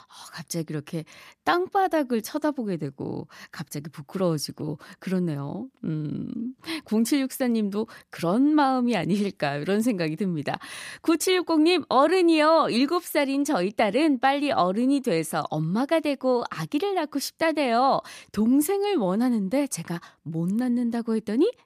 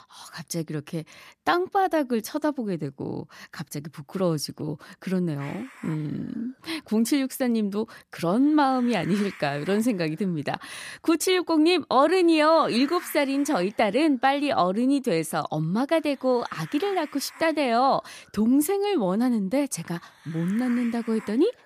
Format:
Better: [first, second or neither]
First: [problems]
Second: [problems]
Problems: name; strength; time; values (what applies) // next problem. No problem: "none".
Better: first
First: none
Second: hiss; noticeable; from 5.5 s on; 20 dB below the speech